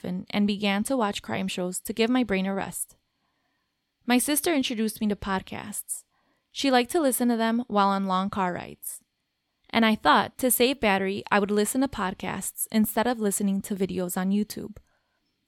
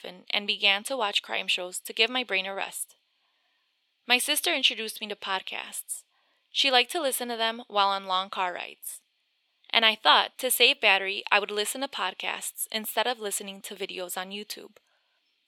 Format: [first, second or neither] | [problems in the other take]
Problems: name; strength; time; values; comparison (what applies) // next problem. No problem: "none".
first | thin; very; fading below 550 Hz